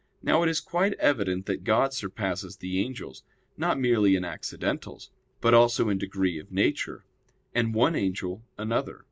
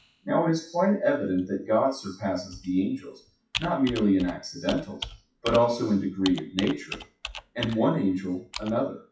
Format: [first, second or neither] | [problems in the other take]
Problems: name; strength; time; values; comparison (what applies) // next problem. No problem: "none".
first | noise reduction (classical method WPE with log-MMSE)